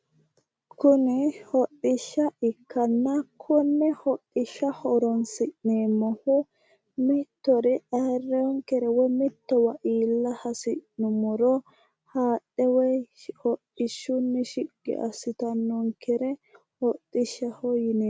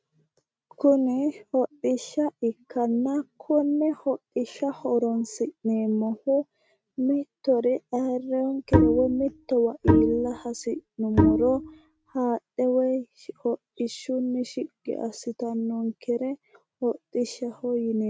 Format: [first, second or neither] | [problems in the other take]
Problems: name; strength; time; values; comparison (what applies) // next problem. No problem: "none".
first | noise reduction (neural mask model RNNoise)